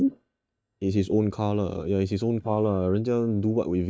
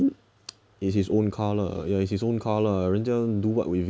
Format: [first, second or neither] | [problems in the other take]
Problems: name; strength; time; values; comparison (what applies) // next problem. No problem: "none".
second | noise reduction (neural mask model DeepFilterNet 3)